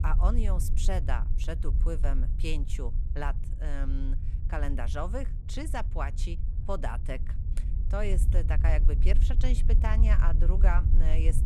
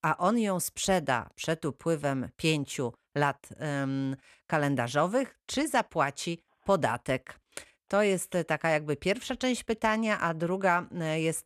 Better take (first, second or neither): second